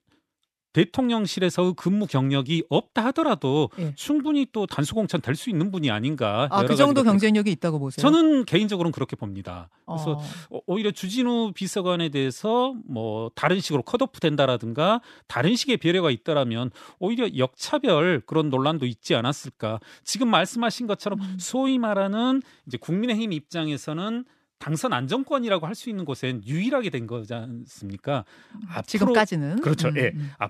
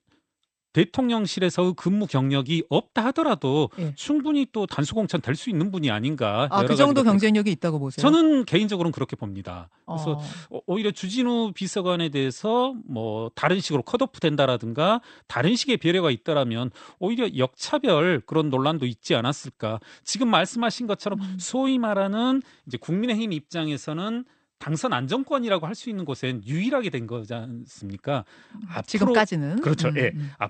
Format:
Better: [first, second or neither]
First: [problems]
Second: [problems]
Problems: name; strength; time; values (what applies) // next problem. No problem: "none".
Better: first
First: none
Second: garbled, watery; slightly; nothing above 8.5 kHz